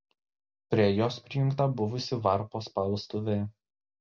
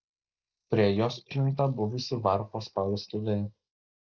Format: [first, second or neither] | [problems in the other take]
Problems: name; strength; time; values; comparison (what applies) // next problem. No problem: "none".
first | noise reduction (neural mask model Resemble Enhance denoiser)